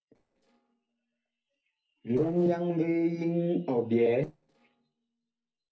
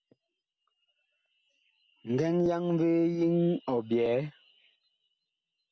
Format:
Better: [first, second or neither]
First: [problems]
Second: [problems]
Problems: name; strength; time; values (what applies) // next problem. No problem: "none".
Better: second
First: noise reduction (neural separator model SepFormer DNS4)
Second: none